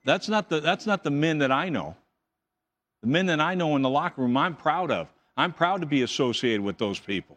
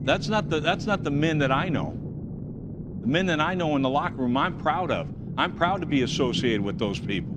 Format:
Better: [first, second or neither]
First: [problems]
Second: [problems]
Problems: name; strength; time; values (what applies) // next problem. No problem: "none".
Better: first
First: none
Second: low rumble; noticeable; throughout; 15 dB below the speech